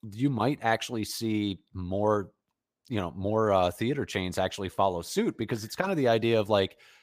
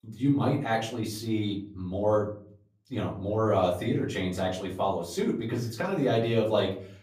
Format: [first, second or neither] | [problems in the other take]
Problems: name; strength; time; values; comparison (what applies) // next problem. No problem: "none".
first | room echo; slight; dies away in 0.5 s // off-mic speech; far